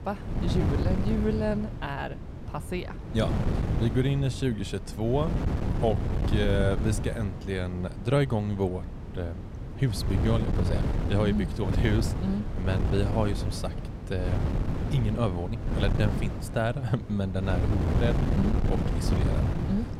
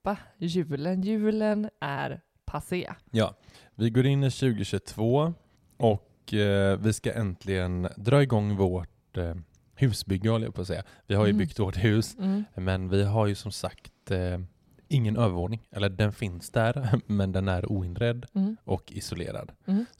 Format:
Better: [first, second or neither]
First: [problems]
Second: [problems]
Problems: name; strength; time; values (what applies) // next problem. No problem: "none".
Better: second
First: wind noise on the microphone; heavy; 5 dB below the speech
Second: none